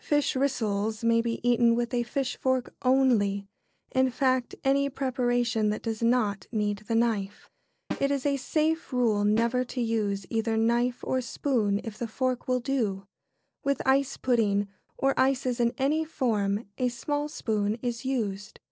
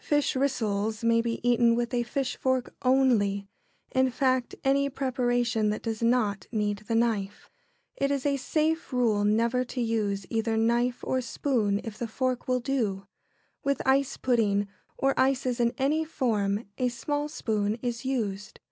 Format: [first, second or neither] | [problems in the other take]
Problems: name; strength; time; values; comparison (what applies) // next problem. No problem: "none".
second | noise reduction (neural separator model SepFormer DNS4)